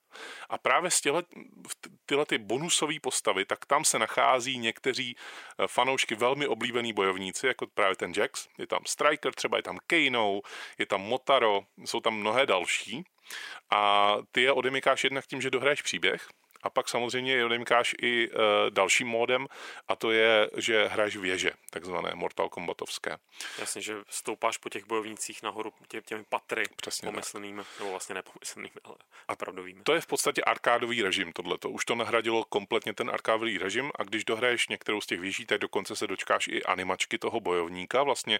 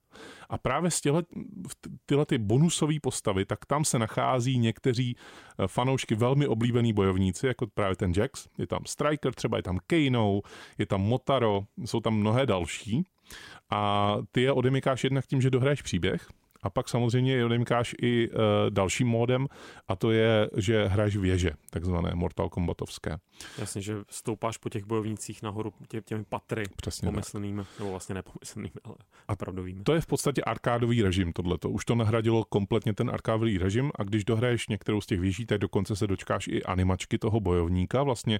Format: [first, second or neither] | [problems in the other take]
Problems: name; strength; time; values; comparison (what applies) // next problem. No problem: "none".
second | thin; very; fading below 500 Hz